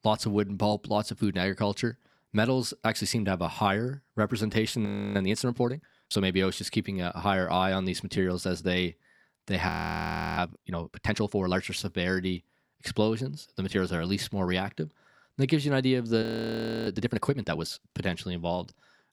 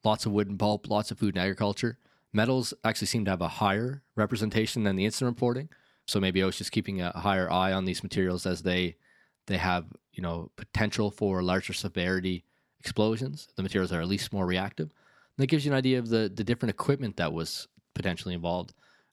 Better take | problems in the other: second | audio freezing; at 5 s, at 9.5 s for 0.5 s and at 16 s for 0.5 s

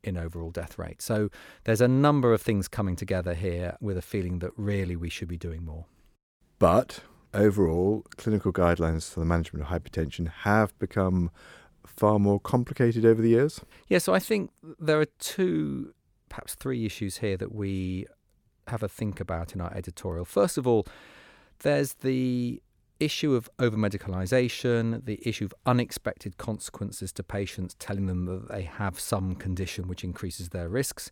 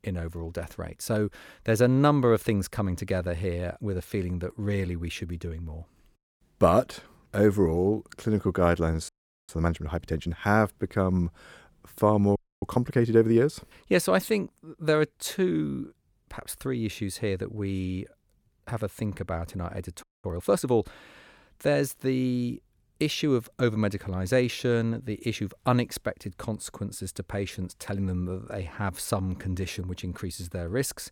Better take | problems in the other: first | audio freezing; at 9 s, at 12 s and at 20 s

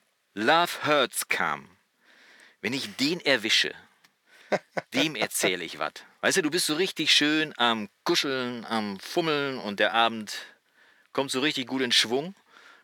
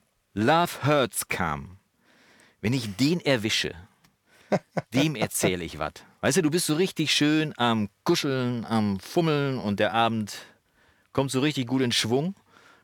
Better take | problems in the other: second | thin; very slightly; fading below 300 Hz

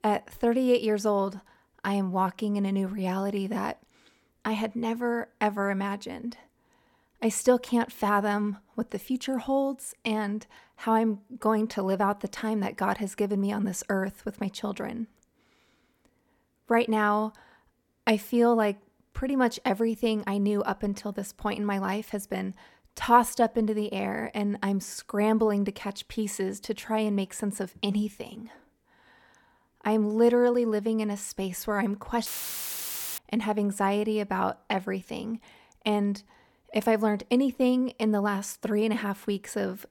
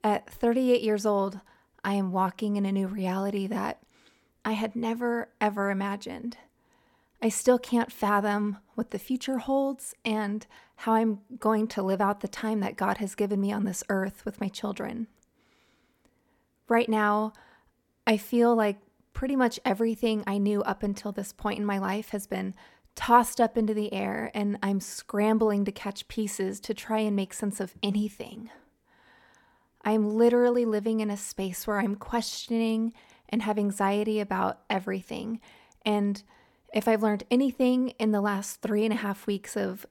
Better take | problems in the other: second | audio cutting out; filled with static; at 32 s for 1 s

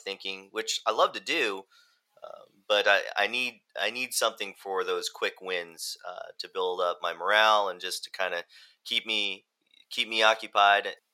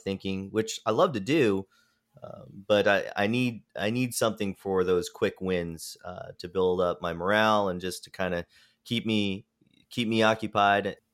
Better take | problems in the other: second | thin; very; fading below 750 Hz

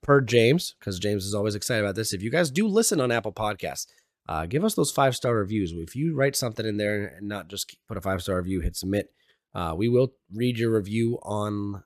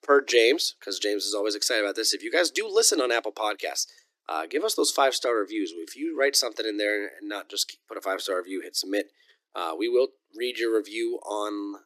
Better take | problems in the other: first | thin; somewhat; fading below 300 Hz

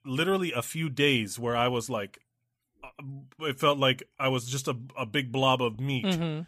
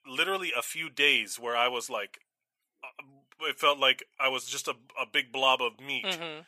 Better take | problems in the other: first | thin; very; fading below 550 Hz

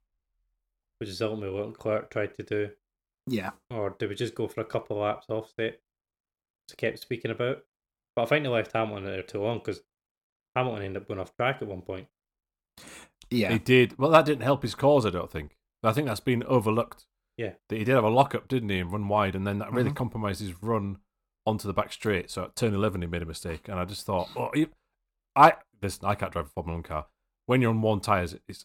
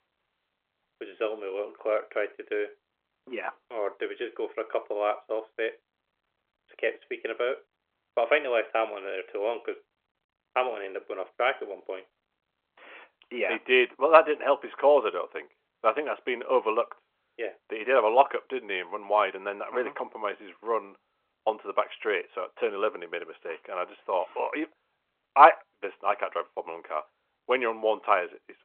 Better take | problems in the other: first | phone-call audio

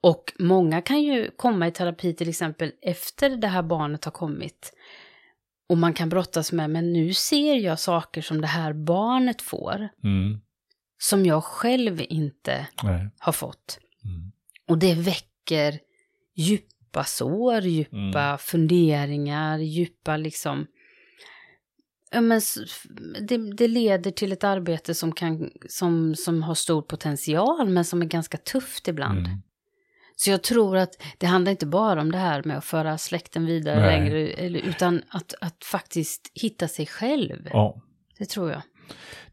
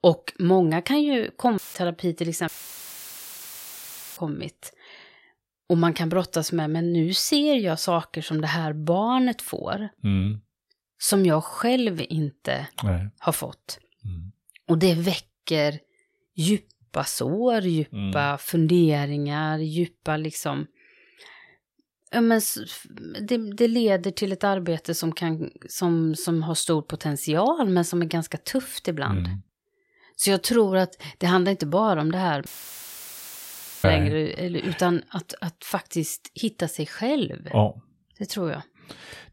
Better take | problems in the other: first | audio cutting out; filled with static; at 1.5 s, at 2.5 s for 1.5 s and at 32 s for 1.5 s

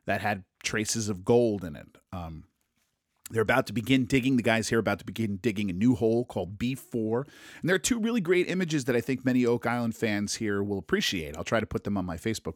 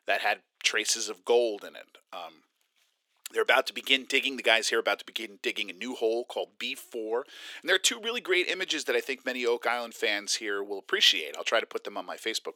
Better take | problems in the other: first | thin; very; fading below 400 Hz

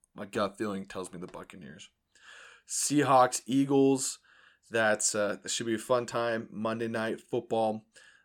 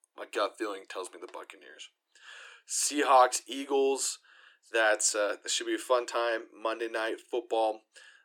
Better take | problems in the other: first | thin; somewhat; fading below 300 Hz

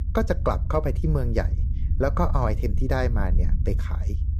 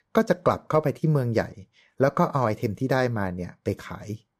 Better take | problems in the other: second | low rumble; noticeable; throughout; 15 dB below the speech

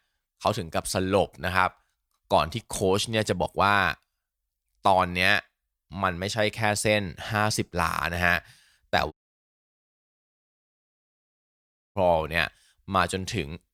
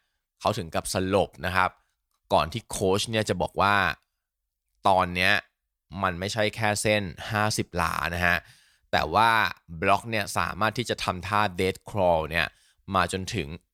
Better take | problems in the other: second | audio cutting out; at 9 s for 3 s

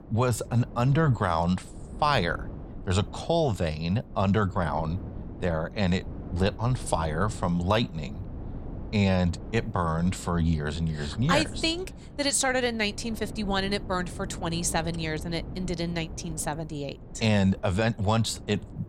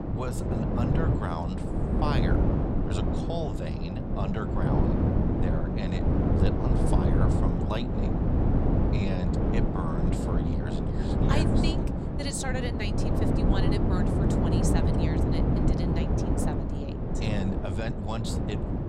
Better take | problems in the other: first | wind noise on the microphone; heavy; 3 dB above the speech; occasional gusts in the first

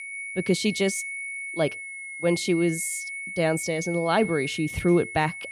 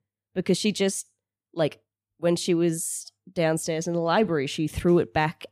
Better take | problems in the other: second | high-pitched whine; loud; throughout; 2 kHz, 7 dB below the speech

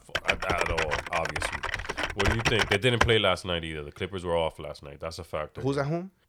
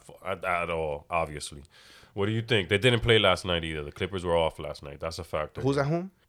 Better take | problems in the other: second | keyboard typing; loud; until 3 s; peak 3 dB above the speech

